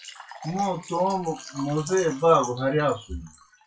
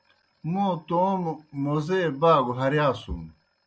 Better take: second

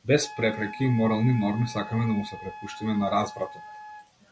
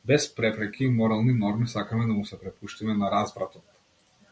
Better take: second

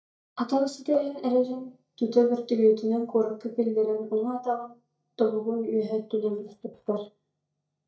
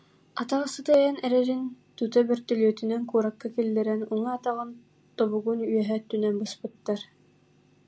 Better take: second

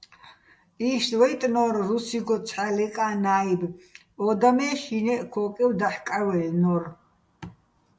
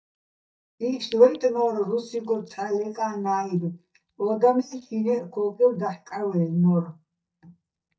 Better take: first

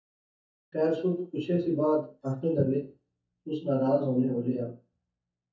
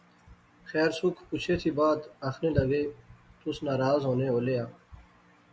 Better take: second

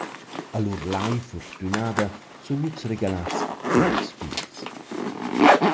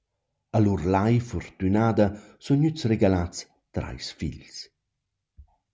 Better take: second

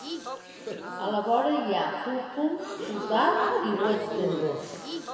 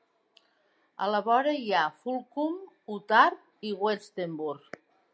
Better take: second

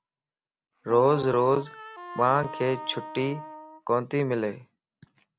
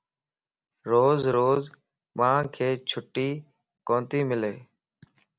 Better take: second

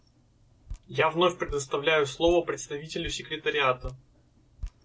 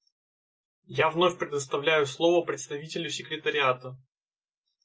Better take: second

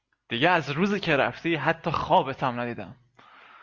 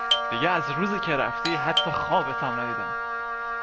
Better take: first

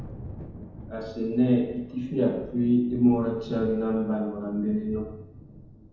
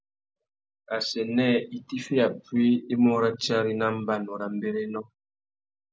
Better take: second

